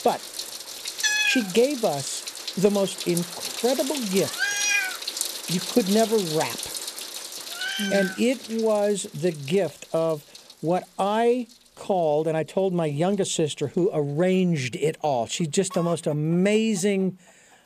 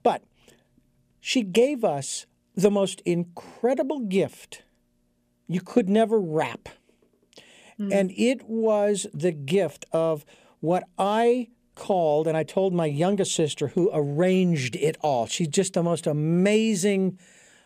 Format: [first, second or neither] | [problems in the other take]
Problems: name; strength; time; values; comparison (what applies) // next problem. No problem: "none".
second | animal sounds; loud; throughout; 3 dB below the speech